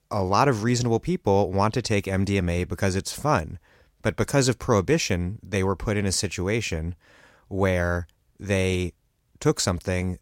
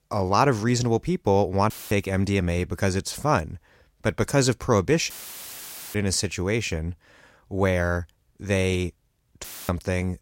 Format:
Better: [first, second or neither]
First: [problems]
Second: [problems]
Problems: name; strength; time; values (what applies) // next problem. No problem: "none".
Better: first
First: none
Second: audio cutting out; filled with static; at 1.5 s, at 5 s for 1 s and at 9.5 s